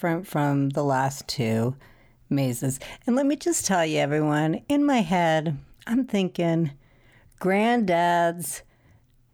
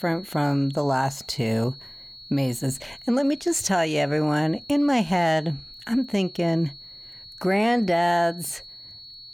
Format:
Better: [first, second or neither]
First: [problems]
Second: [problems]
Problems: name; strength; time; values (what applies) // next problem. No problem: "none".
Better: first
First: none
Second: high-pitched whine; noticeable; throughout; 4.5 kHz, 15 dB below the speech